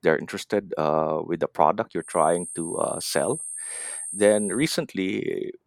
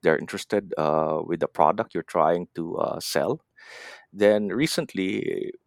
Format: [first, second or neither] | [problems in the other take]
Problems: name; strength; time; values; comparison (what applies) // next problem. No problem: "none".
second | high-pitched whine; loud; from 2 to 4.5 s; 8.5 kHz, 7 dB below the speech